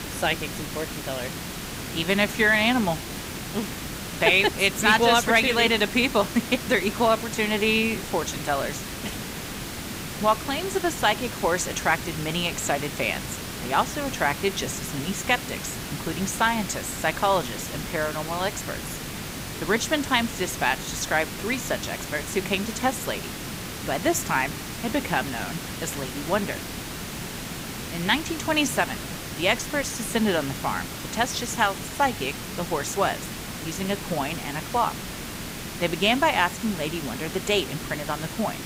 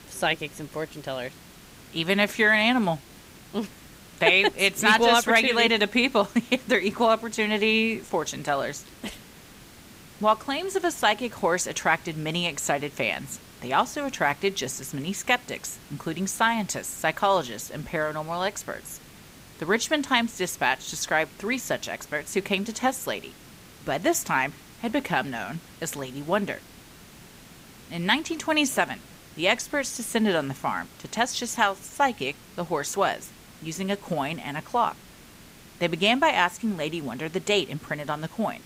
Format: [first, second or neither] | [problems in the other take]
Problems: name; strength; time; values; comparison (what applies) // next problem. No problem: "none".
second | hiss; loud; throughout; 8 dB below the speech; faint in the second